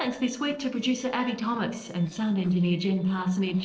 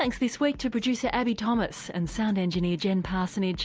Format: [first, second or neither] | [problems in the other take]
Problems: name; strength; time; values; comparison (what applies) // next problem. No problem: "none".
second | noise reduction (neural separator model SepFormer DNS4)